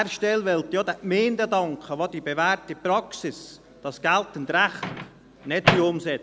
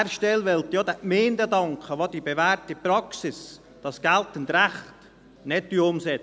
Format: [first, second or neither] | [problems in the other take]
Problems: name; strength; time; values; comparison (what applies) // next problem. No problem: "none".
second | background sound (Microwave oven); 8 dB below the speech